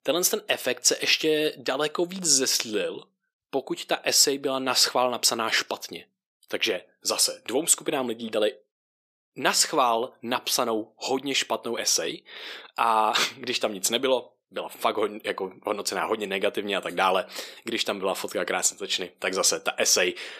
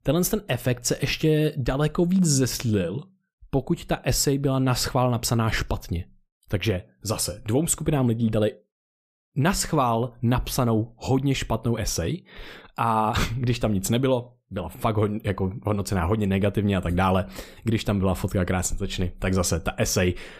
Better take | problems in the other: second | thin; very; fading below 350 Hz

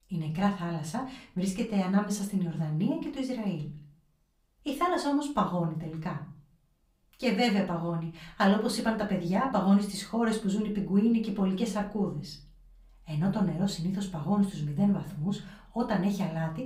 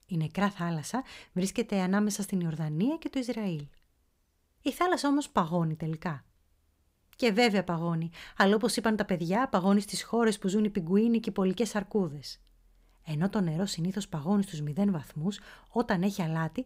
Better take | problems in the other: second | off-mic speech; far // room echo; very slight; dies away in 0.4 s

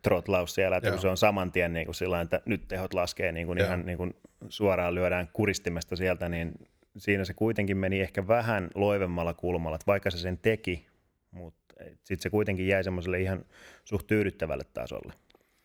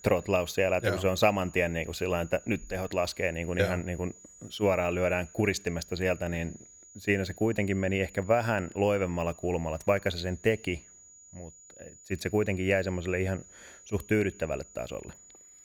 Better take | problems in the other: first | high-pitched whine; faint; throughout; 7 kHz, 20 dB below the speech

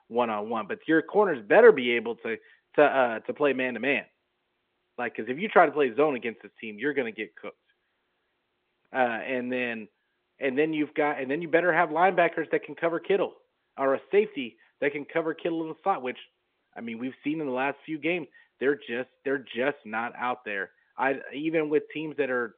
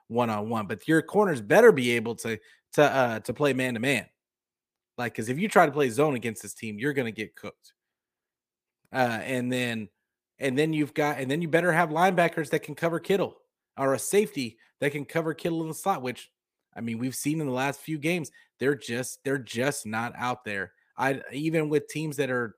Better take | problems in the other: second | phone-call audio

